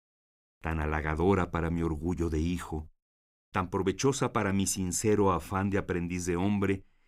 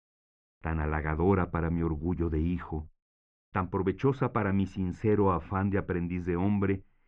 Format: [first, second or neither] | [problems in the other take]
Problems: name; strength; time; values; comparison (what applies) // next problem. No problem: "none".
first | muffled; very; fading above 2 kHz